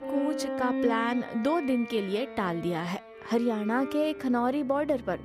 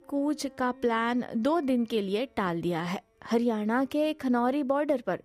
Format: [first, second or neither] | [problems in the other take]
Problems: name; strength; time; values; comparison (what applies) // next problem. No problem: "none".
second | background music; loud; throughout; 8 dB below the speech; faint in the second